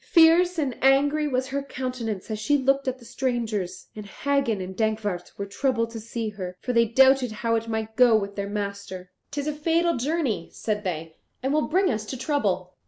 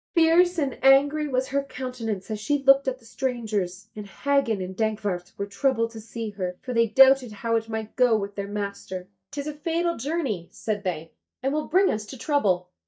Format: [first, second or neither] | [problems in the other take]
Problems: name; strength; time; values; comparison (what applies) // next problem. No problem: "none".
first | noise reduction (neural mask model DeepFilterNet 3)